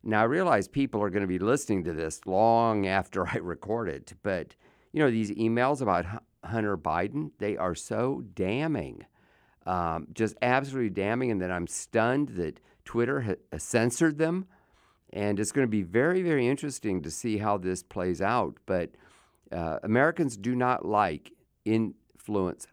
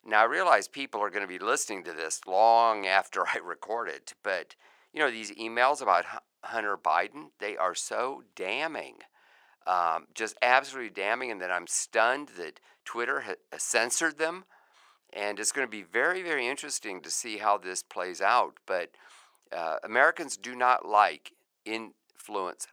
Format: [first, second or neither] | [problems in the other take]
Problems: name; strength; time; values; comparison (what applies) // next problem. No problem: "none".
first | thin; very; fading below 850 Hz